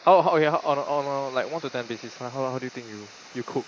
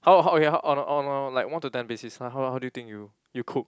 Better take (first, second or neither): second